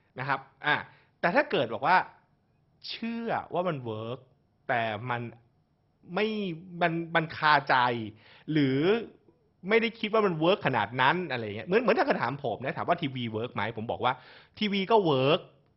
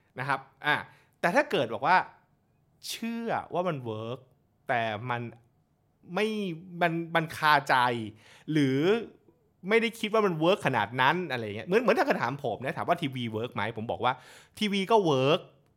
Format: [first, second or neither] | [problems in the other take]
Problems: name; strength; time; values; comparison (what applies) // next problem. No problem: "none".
second | garbled, watery; badly; nothing above 5.5 kHz